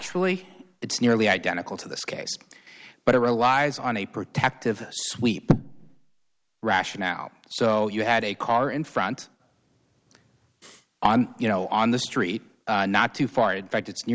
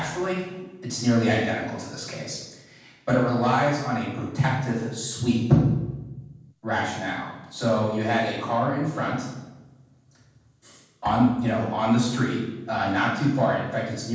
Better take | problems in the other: first | room echo; dies away in 1.2 s

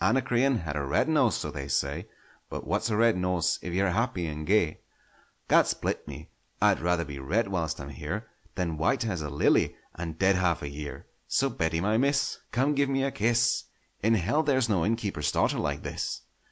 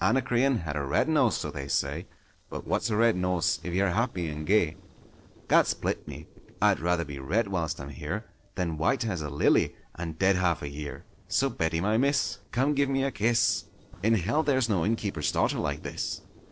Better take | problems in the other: first | noise reduction (neural separator model SepFormer DNS4)

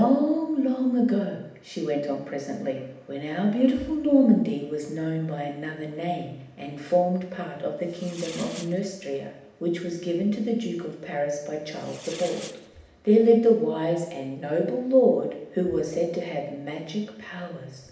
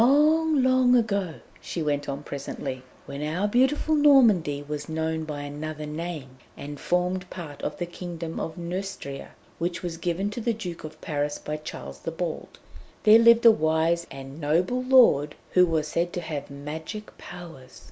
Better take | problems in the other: second | background sound (Fireworks); 18 dB below the speech // room echo; dies away in 0.8 s

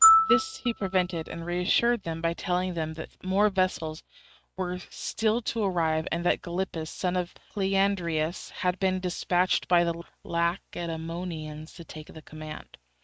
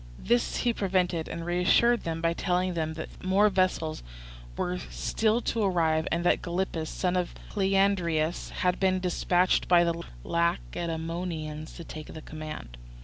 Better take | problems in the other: second | noise reduction (neural mask model RNNoise)

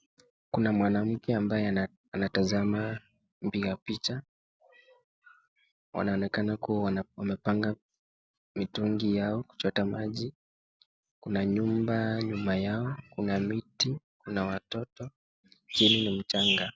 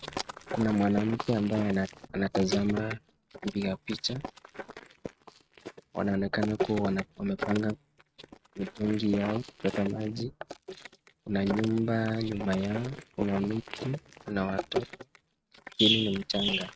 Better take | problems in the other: first | noise reduction (neural mask model RNNoise)

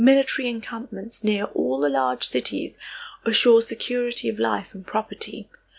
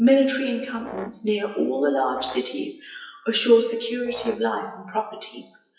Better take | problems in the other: first | noise reduction (classical method WPE with log-MMSE)

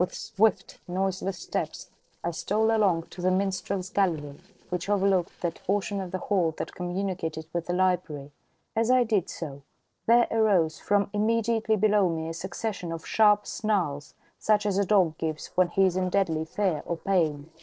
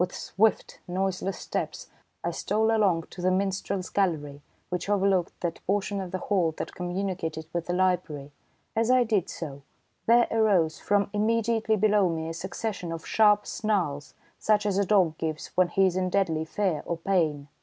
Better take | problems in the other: second | noise reduction (neural separator model SepFormer DNS4)

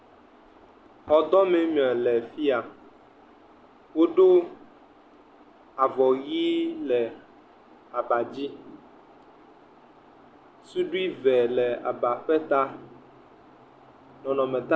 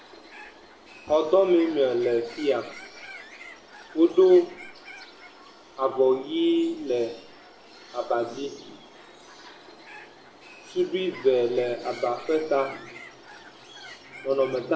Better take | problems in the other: first | background sound (Bird); 20 dB below the speech // room echo; dies away in 0.5 s

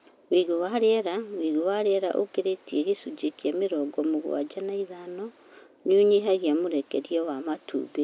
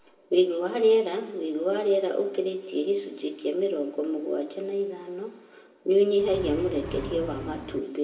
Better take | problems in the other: first | background sound (Accelerating, revving, vroom); 10 dB below the speech // room echo; dies away in 0.9 s

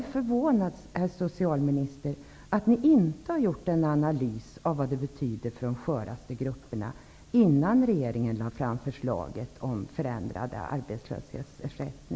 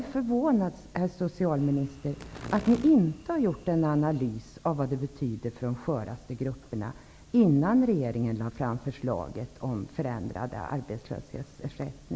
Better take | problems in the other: first | background sound (Insect); 17 dB below the speech

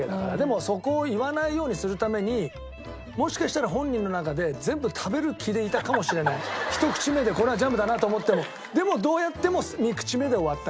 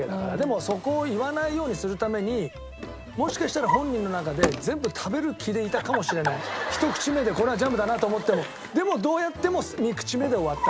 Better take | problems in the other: first | background sound (Drawer open or close); 9 dB below the speech

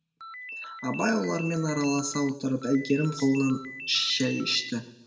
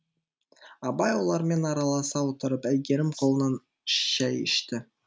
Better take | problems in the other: second | background sound (Ringtone); 13 dB below the speech // room echo; dies away in 1.1 s

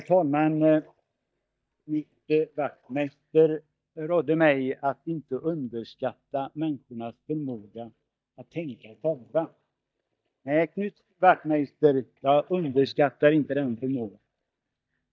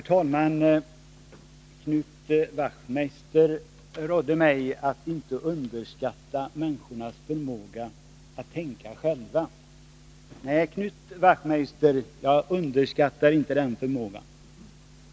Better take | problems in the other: second | noise reduction (neural mask model DeepFilterNet 3)

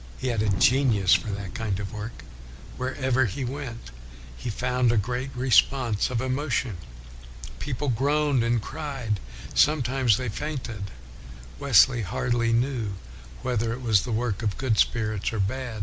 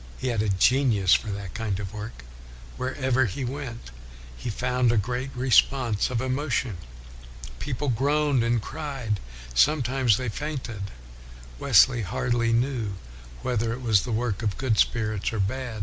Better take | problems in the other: second | background sound (Thunder); 15 dB below the speech

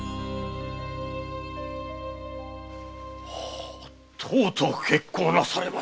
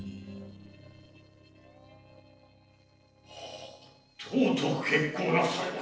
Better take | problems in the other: first | noise reduction (neural separator model SepFormer DNS4)

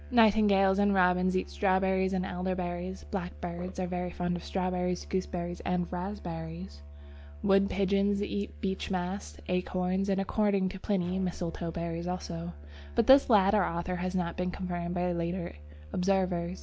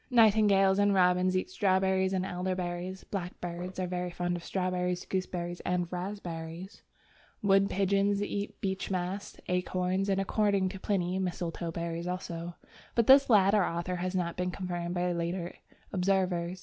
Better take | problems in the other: second | background sound (Musical instrument); 15 dB below the speech

